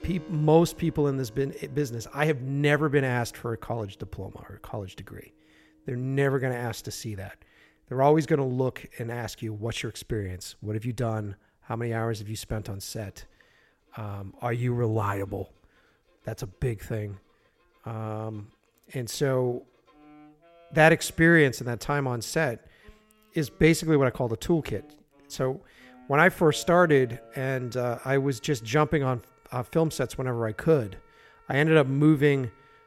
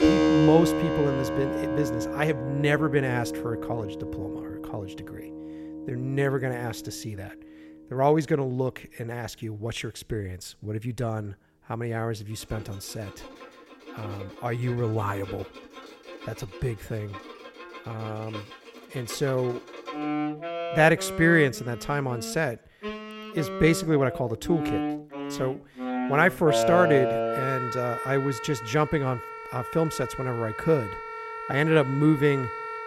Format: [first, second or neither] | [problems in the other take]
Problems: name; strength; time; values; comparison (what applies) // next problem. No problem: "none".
first | background music; loud; throughout; 5 dB below the speech; faint in the first